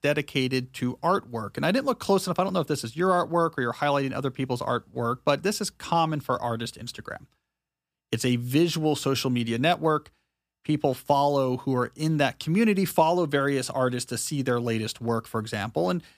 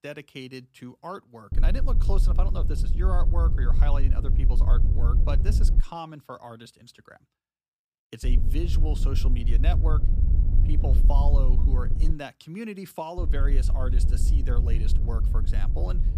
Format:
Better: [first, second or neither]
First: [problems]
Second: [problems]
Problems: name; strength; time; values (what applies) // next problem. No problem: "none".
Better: first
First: none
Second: wind noise on the microphone; heavy; from 1.5 to 6 s, from 8 to 12 s and from 13 s on; 6 dB below the speech